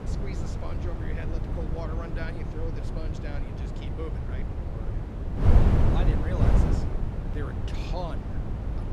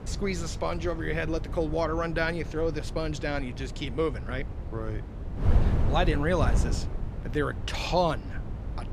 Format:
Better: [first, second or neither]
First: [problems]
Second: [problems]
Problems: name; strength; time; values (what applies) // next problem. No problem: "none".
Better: second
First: wind noise on the microphone; heavy; 3 dB above the speech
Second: wind noise on the microphone; occasional gusts; 15 dB below the speech